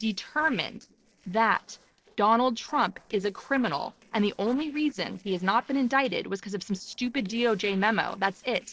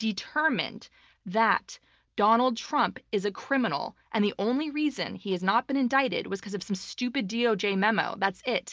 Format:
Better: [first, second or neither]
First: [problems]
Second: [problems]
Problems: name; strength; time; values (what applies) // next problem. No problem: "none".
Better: second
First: noise reduction (neural separator model SepFormer DNS4)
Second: none